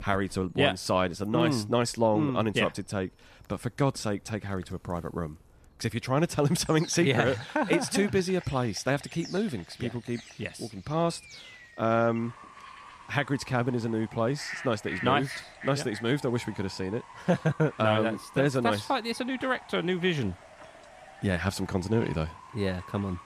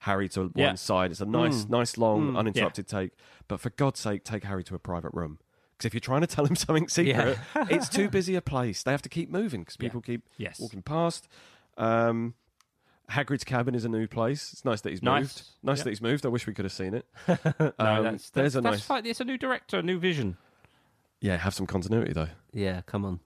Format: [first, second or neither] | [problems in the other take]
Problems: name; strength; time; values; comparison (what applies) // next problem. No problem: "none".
second | animal sounds; noticeable; throughout; 15 dB below the speech